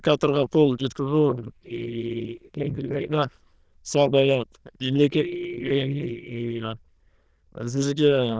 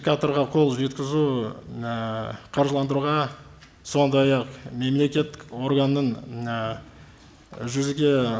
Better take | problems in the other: second | noise reduction (neural diffusion model UNIVERSE++)

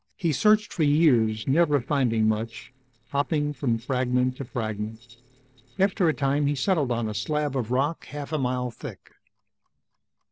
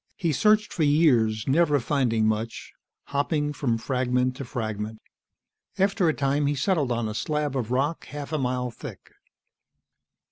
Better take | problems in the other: second | noise reduction (neural separator model SepFormer DNS4)

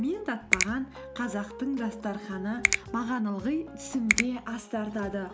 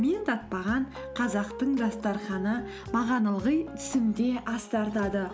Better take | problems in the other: second | background sound (Finger snapping); 1 dB below the speech

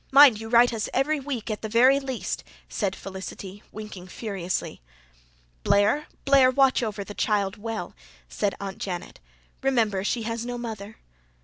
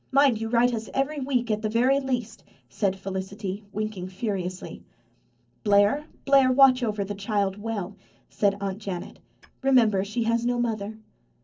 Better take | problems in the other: first | noise reduction (neural separator model SepFormer DNS4)

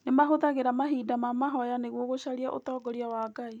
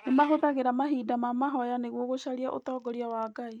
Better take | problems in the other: first | noise reduction (neural mask model RNNoise)

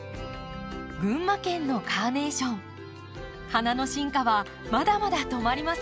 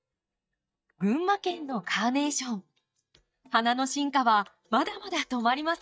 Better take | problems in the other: first | noise reduction (neural mask model DeepFilterNet 3)

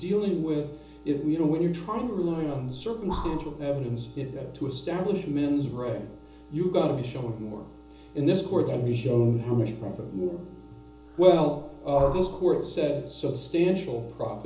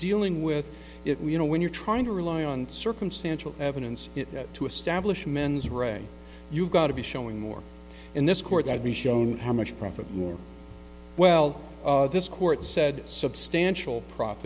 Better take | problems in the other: second | background sound (Breathing); 13 dB below the speech // room echo; dies away in 0.6 s

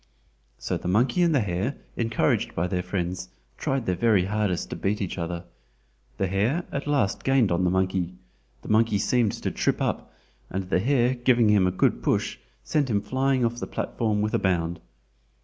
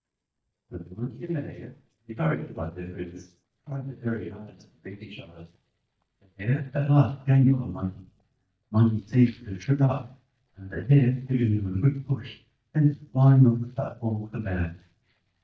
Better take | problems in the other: first | noise reduction (neural mask model DeepFilterNet 3)

